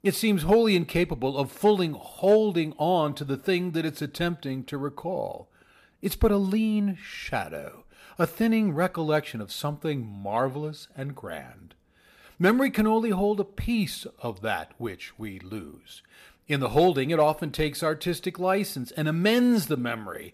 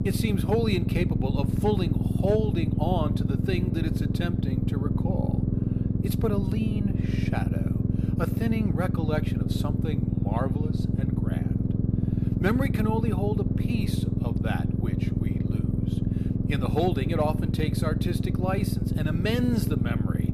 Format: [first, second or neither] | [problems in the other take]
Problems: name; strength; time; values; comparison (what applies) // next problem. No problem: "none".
first | low rumble; loud; throughout; 3 dB below the speech